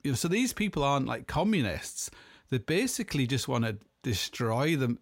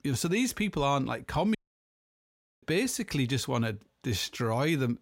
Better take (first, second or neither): first